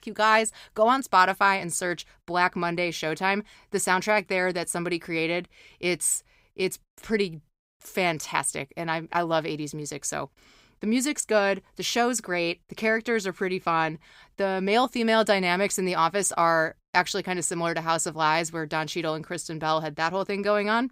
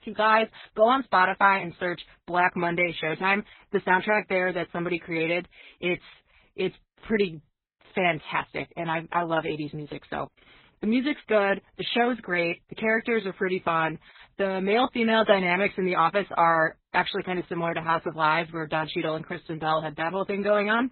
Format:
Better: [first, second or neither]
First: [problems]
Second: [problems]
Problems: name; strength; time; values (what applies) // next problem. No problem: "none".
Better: first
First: none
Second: garbled, watery; badly; nothing above 4 kHz